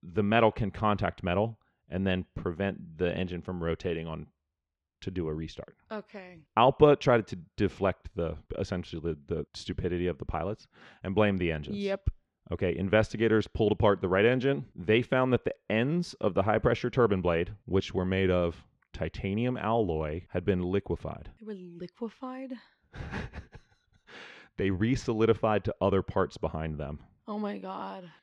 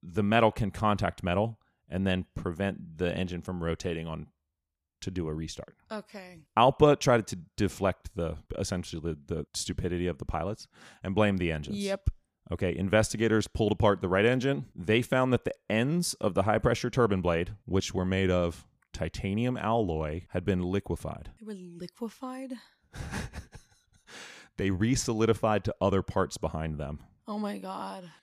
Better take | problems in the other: second | muffled; slightly; fading above 3 kHz

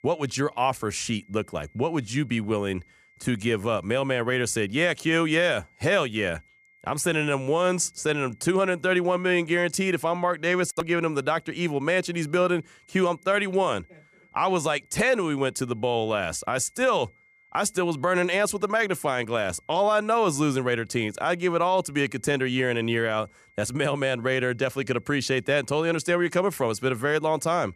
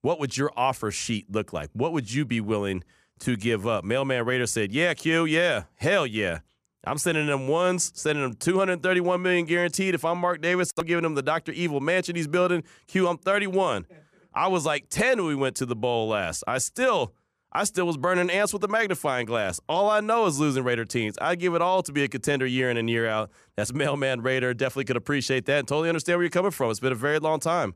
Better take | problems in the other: second | high-pitched whine; faint; throughout; 2 kHz, 35 dB below the speech

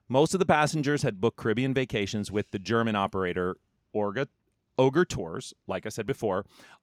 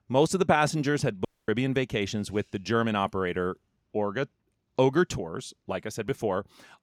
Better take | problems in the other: first | audio cutting out; at 1.5 s

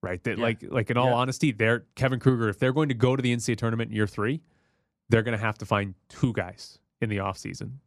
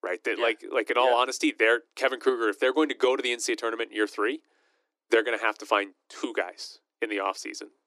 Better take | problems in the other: first | thin; very; fading below 300 Hz

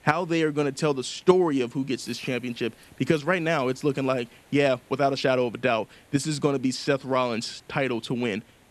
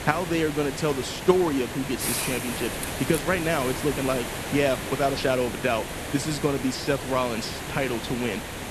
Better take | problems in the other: first | hiss; loud; throughout; 5 dB below the speech; faint in the first

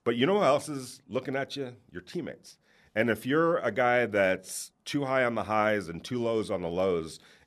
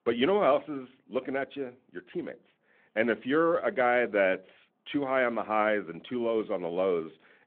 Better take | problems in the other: first | phone-call audio

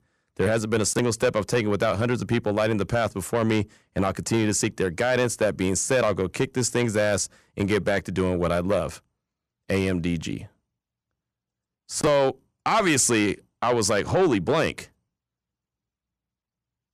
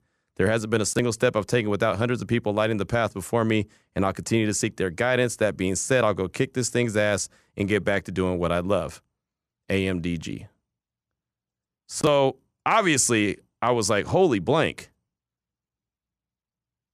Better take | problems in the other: second | distortion; slight; 10 dB below the speech

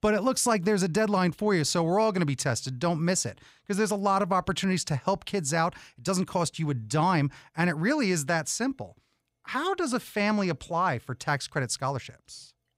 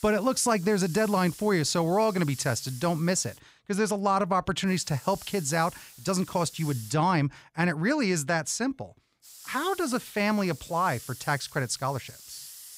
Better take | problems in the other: first | hiss; noticeable; until 3.5 s, from 4.5 to 7 s and from 9 s on; 15 dB below the speech

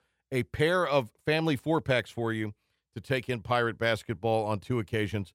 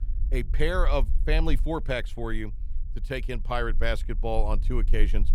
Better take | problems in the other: first | low rumble; faint; throughout; 25 dB below the speech

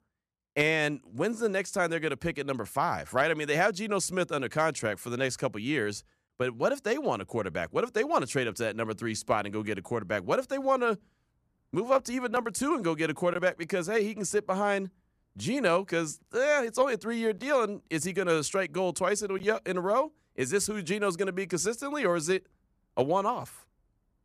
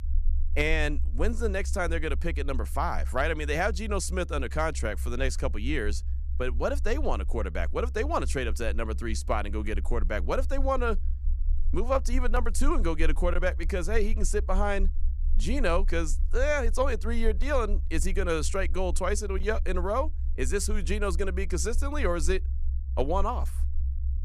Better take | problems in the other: first | low rumble; faint; throughout; 25 dB below the speech

